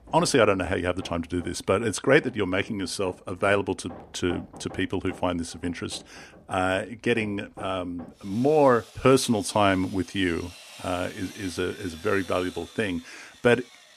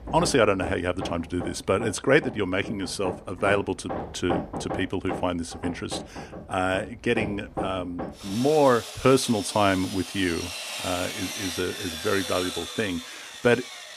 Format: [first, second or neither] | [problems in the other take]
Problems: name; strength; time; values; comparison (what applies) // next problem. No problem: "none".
first | machinery noise; loud; throughout; 9 dB below the speech; faint in the first